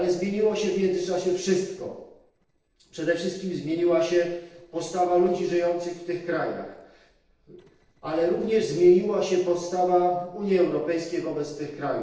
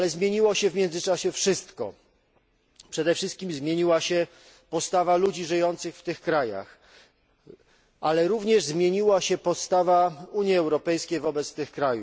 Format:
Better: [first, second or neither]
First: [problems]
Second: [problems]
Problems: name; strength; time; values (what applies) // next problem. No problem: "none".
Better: second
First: noise reduction (neural separator model SepFormer DNS4)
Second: none